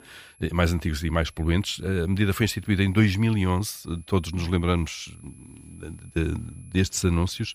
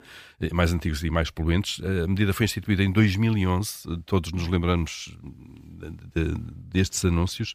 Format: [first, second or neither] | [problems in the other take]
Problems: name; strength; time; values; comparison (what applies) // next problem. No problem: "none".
second | high-pitched whine; faint; throughout; 11 kHz, 30 dB below the speech